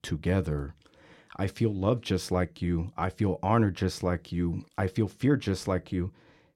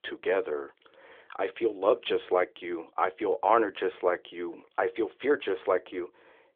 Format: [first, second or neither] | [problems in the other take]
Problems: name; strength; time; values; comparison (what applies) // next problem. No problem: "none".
first | phone-call audio; nothing above 3.5 kHz